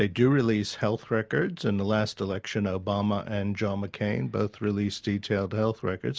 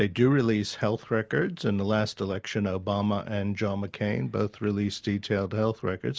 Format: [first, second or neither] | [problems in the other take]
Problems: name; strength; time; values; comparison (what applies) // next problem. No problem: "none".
first | noise reduction (neural mask model Resemble Enhance denoiser)